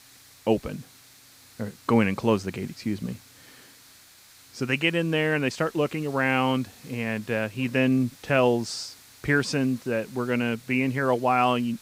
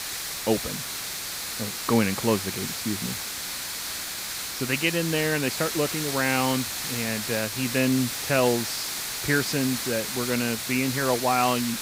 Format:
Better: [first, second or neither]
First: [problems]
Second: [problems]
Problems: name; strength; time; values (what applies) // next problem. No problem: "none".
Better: first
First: hiss; faint; throughout; 25 dB below the speech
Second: hiss; loud; throughout; 3 dB below the speech